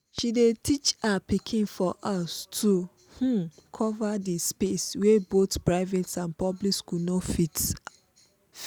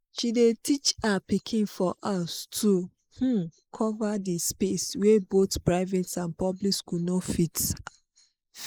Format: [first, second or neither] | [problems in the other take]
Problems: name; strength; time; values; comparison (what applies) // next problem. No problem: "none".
first | noise reduction (neural mask model Resemble Enhance denoiser)